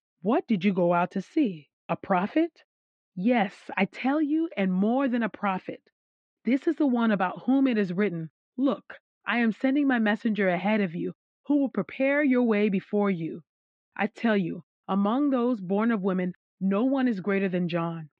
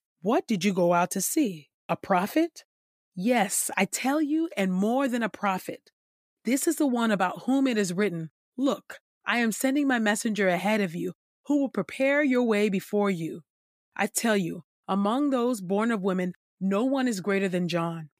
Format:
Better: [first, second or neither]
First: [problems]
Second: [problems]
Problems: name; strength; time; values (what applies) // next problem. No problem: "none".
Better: second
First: muffled; very; fading above 3.5 kHz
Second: none